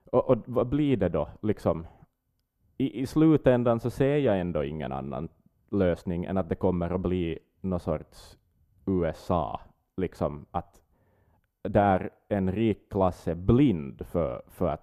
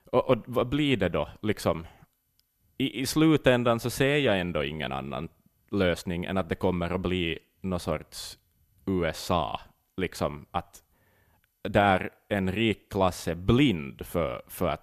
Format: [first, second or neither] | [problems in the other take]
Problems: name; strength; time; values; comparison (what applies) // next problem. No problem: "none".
second | muffled; slightly; fading above 1.5 kHz